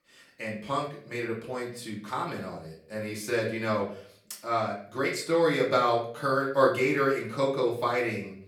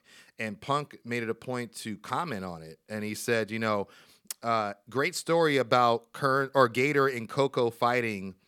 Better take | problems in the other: second | off-mic speech; far // room echo; slight; dies away in 0.5 s

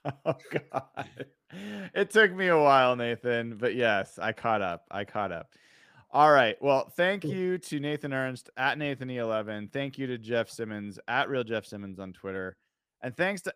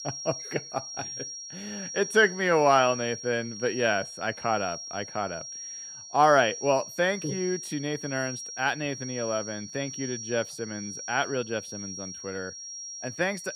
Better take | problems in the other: first | high-pitched whine; loud; throughout; 5.5 kHz, 10 dB below the speech

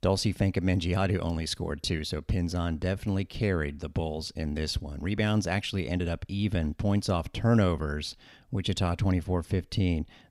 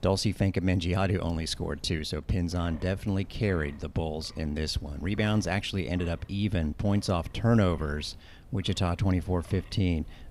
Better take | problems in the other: first | wind noise on the microphone; occasional gusts; 20 dB below the speech

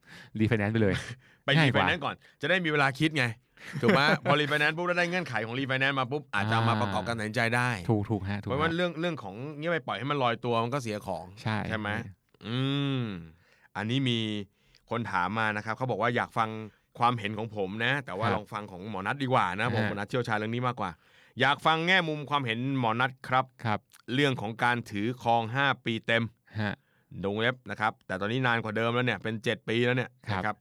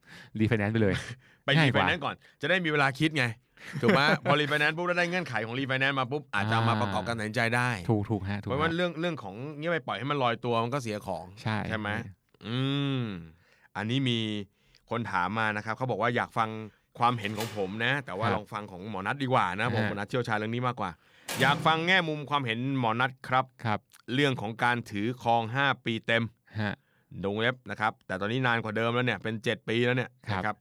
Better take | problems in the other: first | door banging; noticeable; from 17 to 22 s; peak 4 dB below the speech

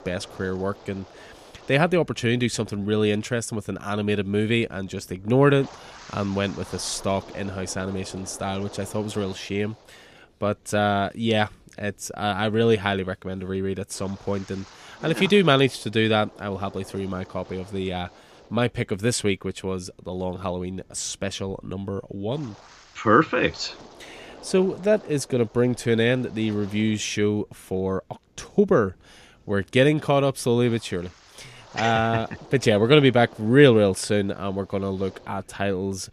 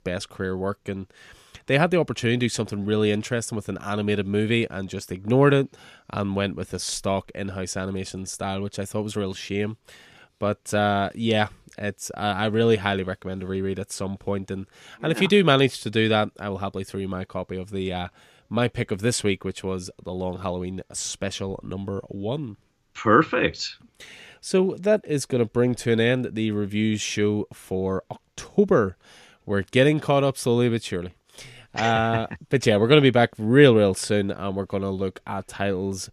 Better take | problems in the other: second | wind noise on the microphone; occasional gusts; 20 dB below the speech

